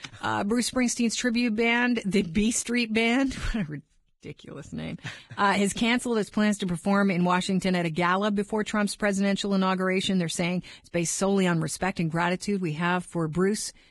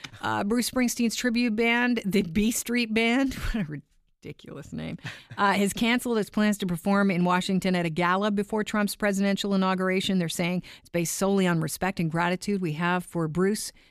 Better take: second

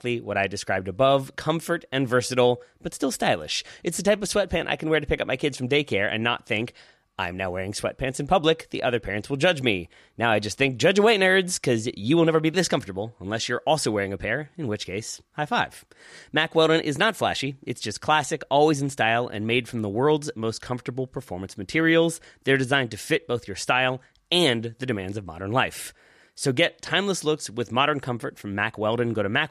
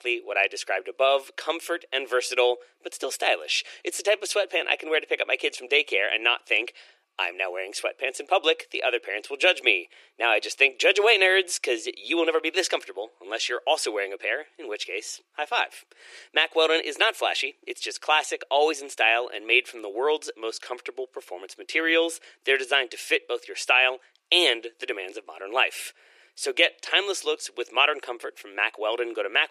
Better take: first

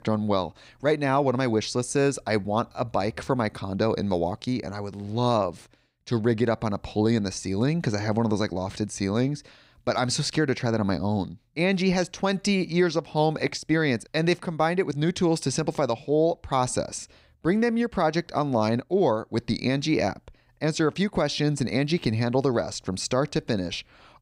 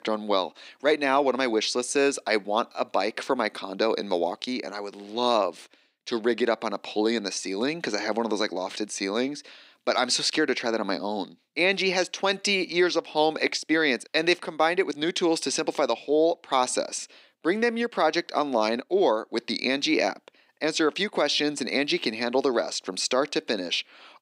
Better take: first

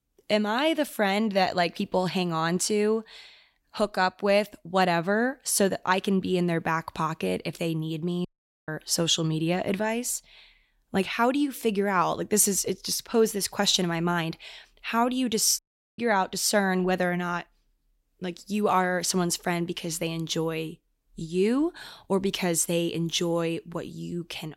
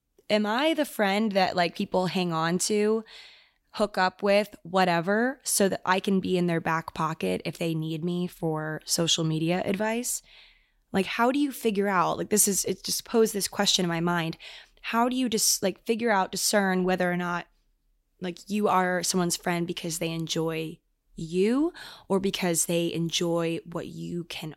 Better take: second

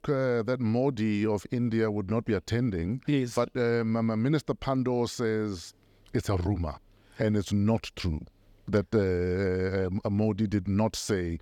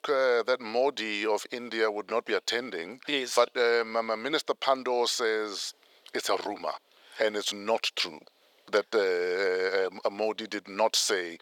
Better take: first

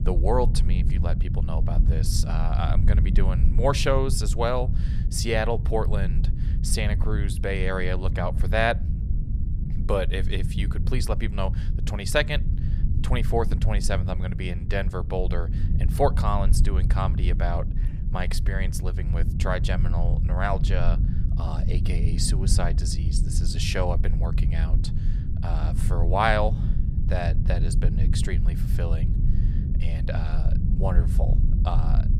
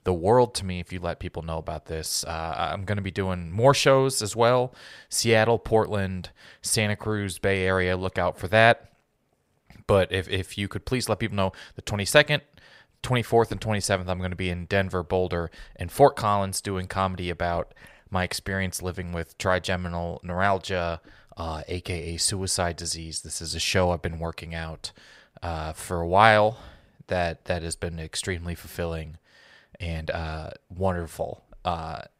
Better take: second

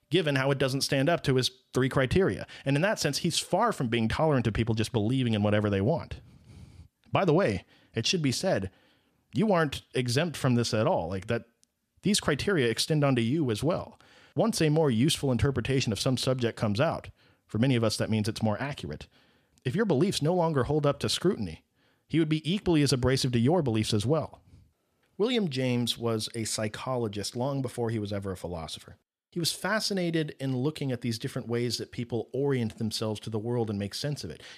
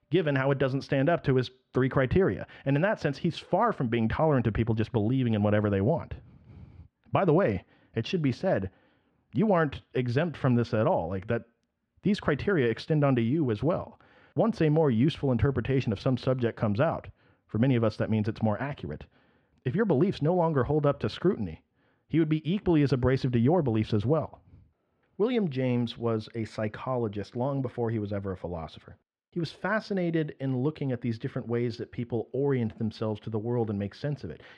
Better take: first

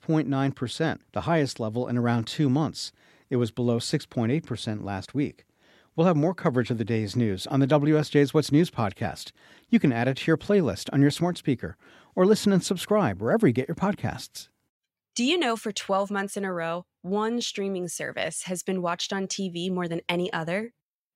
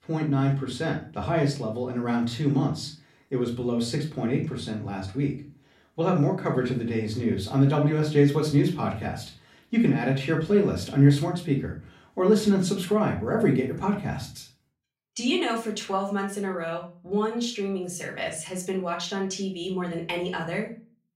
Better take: first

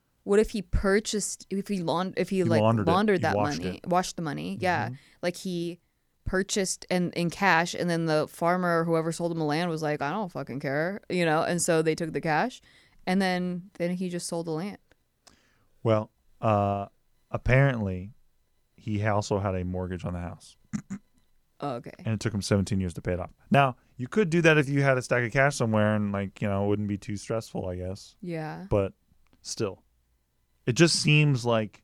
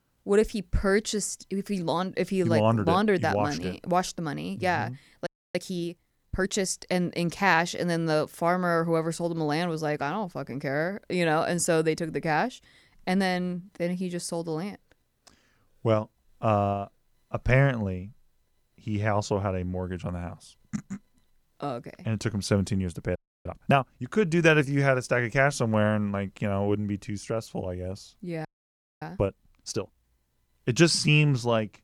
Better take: first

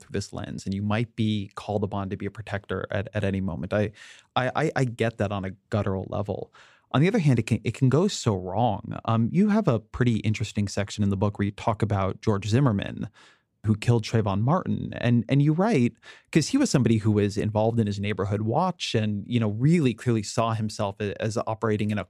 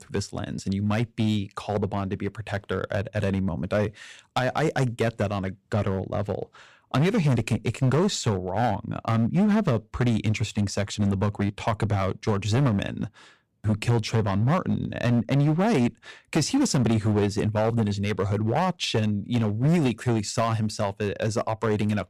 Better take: first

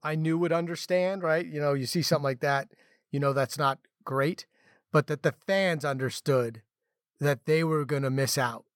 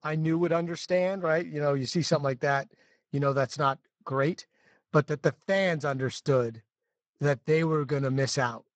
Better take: first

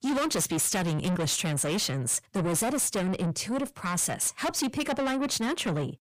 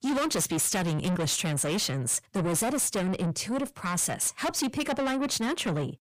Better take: neither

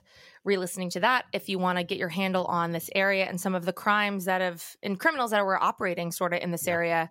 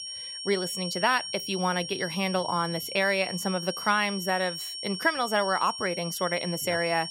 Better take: first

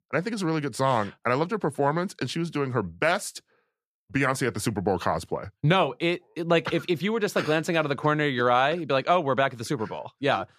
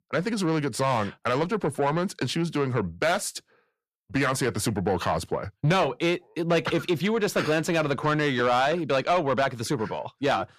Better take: first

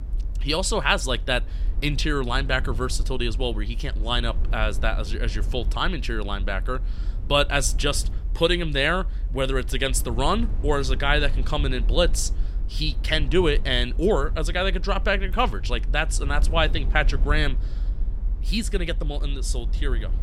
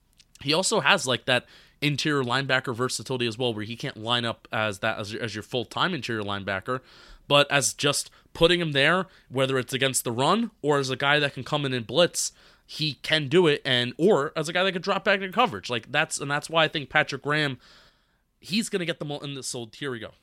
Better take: second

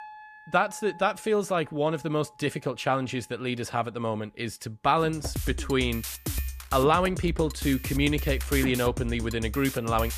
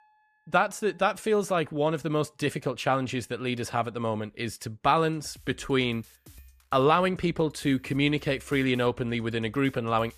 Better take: second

